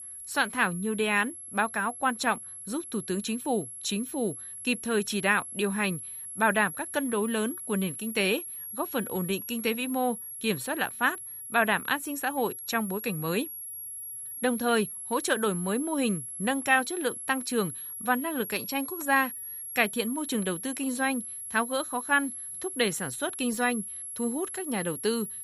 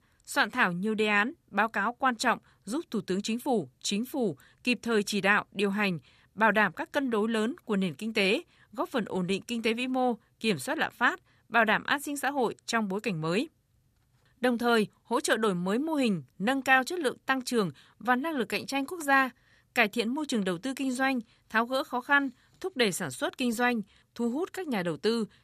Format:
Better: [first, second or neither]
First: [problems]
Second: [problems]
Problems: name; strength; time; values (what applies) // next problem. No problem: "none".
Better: second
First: high-pitched whine; loud; throughout; 11 kHz, 8 dB below the speech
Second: none